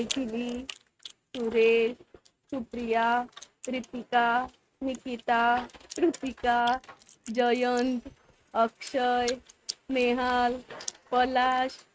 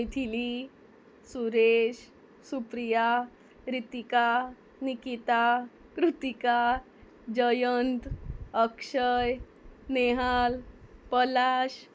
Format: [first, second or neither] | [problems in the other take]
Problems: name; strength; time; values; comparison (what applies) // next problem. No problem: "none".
second | noise reduction (neural mask model RNNoise)